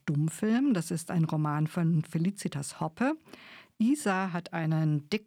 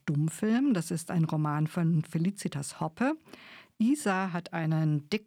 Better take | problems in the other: neither | none

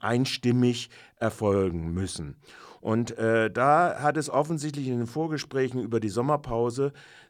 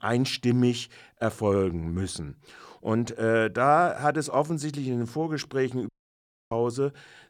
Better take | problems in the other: first | audio cutting out; at 6 s for 0.5 s

